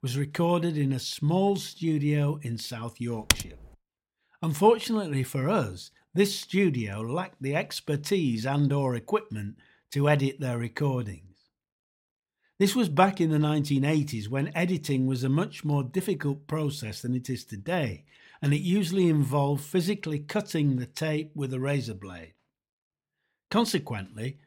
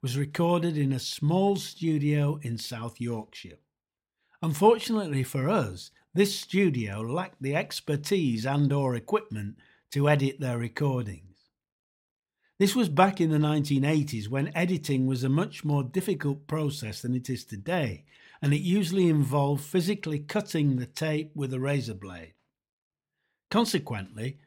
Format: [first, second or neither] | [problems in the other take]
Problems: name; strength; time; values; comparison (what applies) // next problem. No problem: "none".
second | keyboard typing; loud; at 3.5 s; peak 2 dB above the speech